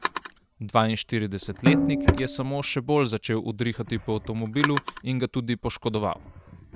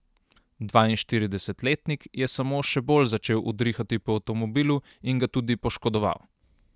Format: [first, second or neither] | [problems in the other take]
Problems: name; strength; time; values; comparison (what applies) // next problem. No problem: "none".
second | background sound (Drawer open or close + Snare drum); 2 dB below the speech